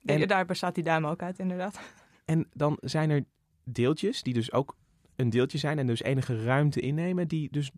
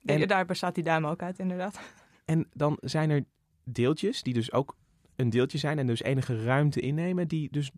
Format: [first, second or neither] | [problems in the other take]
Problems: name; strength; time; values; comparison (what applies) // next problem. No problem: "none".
neither | none